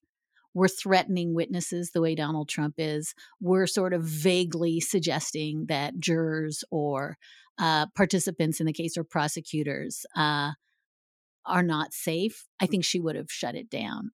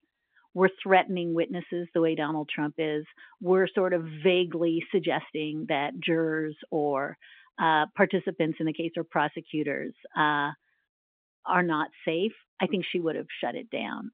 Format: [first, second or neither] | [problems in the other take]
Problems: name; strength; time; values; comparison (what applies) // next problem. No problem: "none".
first | phone-call audio; nothing above 3.5 kHz